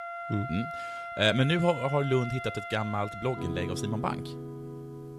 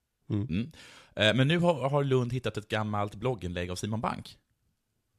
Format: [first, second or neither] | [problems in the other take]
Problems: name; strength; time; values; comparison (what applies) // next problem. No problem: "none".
second | background music; loud; throughout; 8 dB below the speech